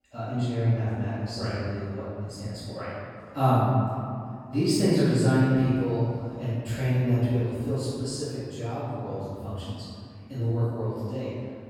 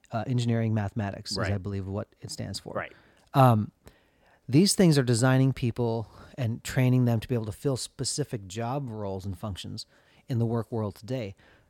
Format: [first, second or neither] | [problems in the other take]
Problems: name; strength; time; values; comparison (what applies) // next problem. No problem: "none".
second | off-mic speech; far // room echo; strong; dies away in 2.2 s